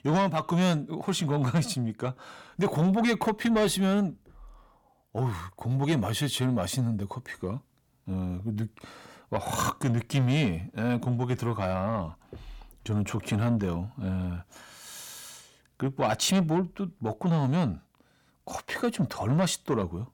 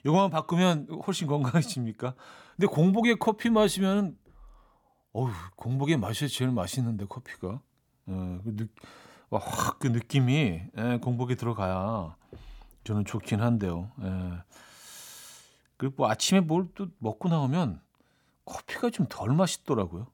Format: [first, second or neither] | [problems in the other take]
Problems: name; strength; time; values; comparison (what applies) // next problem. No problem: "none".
second | distortion; slight; 10 dB below the speech